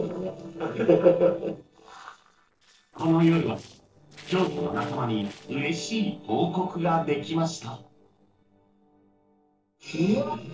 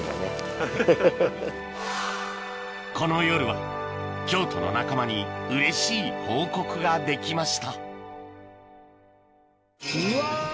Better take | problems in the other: second | noise reduction (neural separator model SepFormer DNS4)

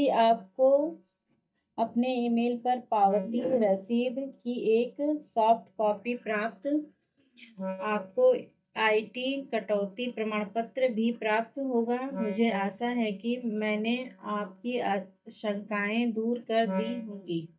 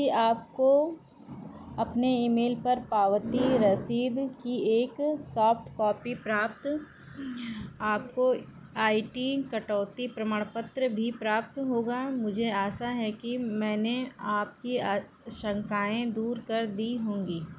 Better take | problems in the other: second | noise reduction (neural mask model DeepFilterNet 3)

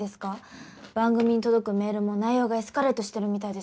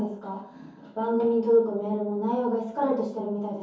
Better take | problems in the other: first | room echo; dies away in 0.6 s

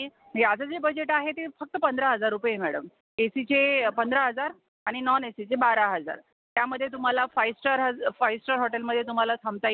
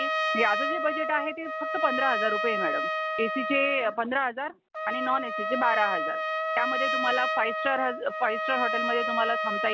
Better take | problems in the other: first | background sound (Trumpet); as loud as the speech

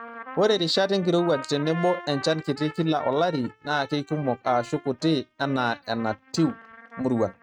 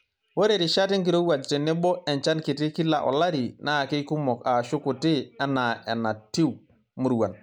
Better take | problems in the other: second | noise reduction (neural mask model RNNoise)

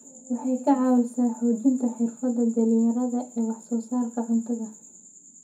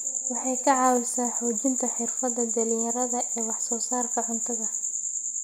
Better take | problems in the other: second | room echo; dies away in 0.4 s

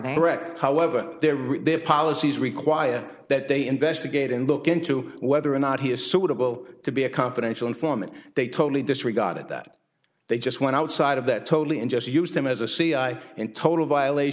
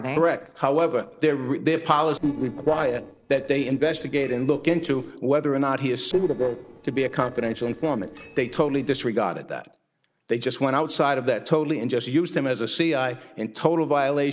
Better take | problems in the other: first | noise reduction (neural separator model SepFormer DNS4)

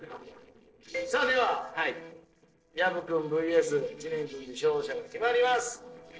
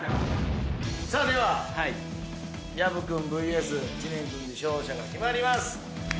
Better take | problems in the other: second | noise reduction (neural separator model SepFormer DNS4)

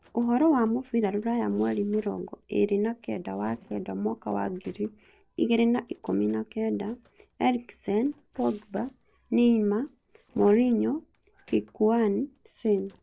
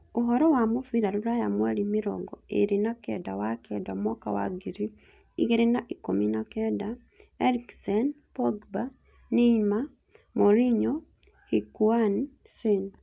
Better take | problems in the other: second | noise reduction (neural separator model SepFormer DNS4)

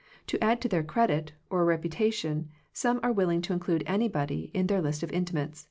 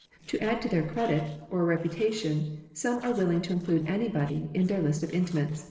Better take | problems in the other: first | noise reduction (neural separator model SepFormer DNS4)

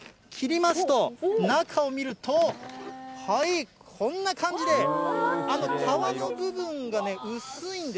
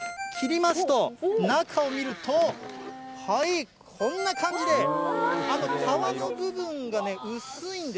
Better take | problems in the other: first | background sound (Ringtone + Domestic sounds, home sounds); 14 dB below the speech

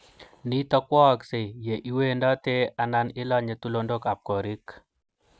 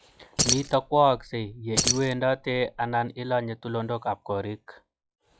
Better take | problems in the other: first | noise reduction (classical method log-MMSE)

